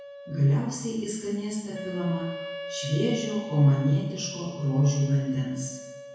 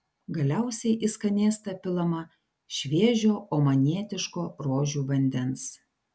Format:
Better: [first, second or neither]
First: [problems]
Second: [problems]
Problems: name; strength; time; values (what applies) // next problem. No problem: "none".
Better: second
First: background sound (Wind instrument, woodwind instrument); 13 dB below the speech // room echo; dies away in 1 s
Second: none